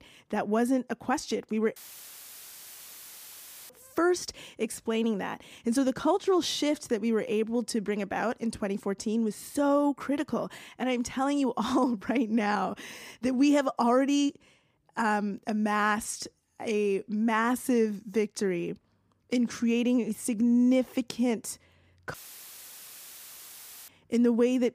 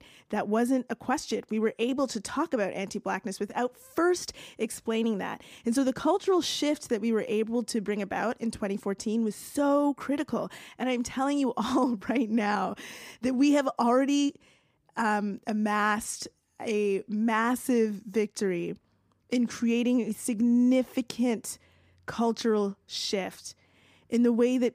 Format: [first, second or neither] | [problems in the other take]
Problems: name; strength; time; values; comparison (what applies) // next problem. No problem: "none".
second | audio cutting out; filled with static; at 2 s for 2 s and at 22 s for 1.5 s